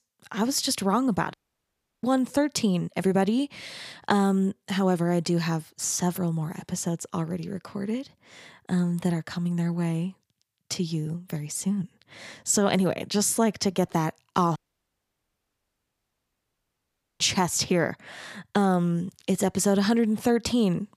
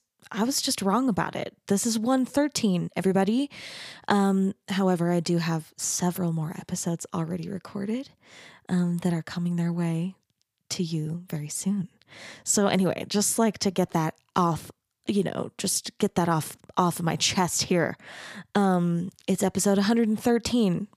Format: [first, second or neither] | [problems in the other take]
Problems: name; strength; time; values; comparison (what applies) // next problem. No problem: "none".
second | audio cutting out; at 1.5 s for 0.5 s and at 15 s for 2.5 s